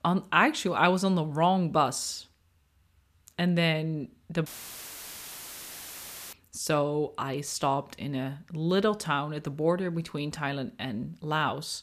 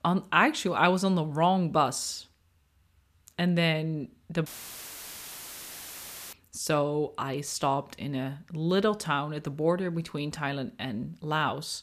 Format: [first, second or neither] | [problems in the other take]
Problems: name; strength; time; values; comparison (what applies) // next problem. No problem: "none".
neither | audio cutting out; filled with static; at 4.5 s for 2 s; the same in both